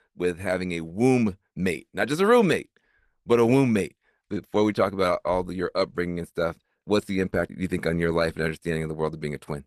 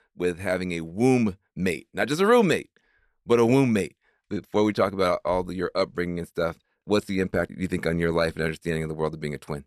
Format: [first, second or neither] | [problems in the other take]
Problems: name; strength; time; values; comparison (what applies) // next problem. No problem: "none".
second | garbled, watery; slightly; nothing above 13.5 kHz